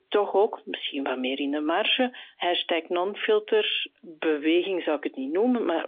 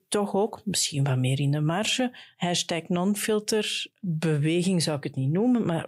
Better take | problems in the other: second | phone-call audio; nothing above 3.5 kHz

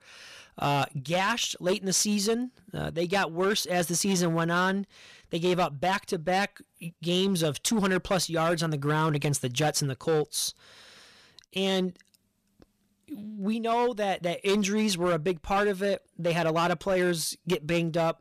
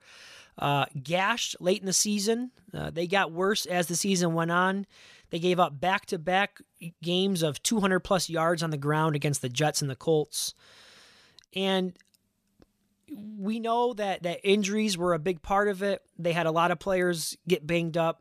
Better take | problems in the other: second | distortion; slight; 8% of the sound clipped

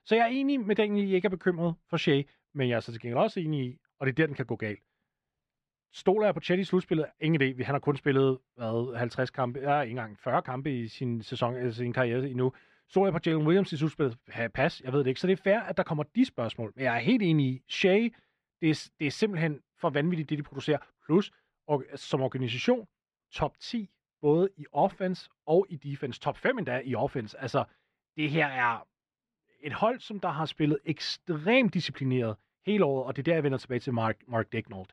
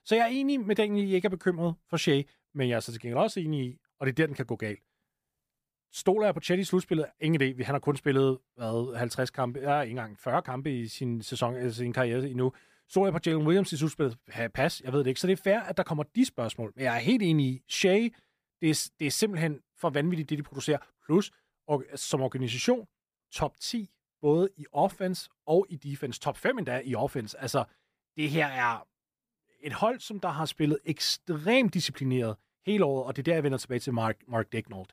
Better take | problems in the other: second | muffled; very slightly; fading above 3 kHz

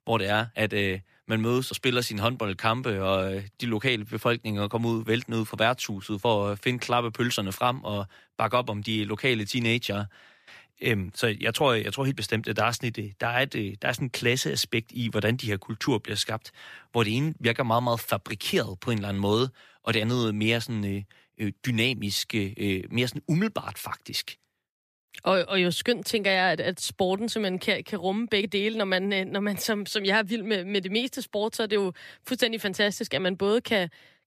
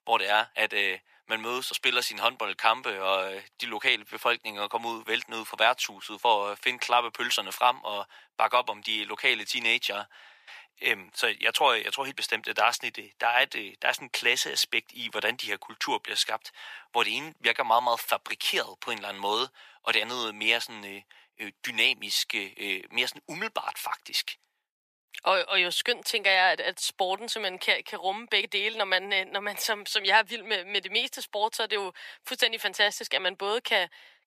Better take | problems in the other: first | thin; very; fading below 600 Hz

